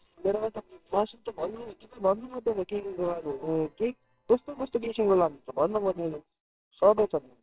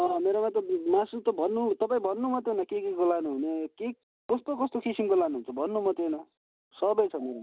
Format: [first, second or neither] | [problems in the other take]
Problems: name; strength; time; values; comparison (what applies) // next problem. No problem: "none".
second | noise reduction (neural separator model SepFormer WHAMR!)